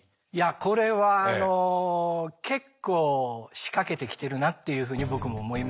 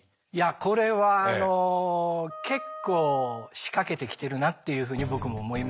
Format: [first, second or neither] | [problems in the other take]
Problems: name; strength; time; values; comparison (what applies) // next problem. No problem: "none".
first | background sound (Wind instrument, woodwind instrument); 16 dB below the speech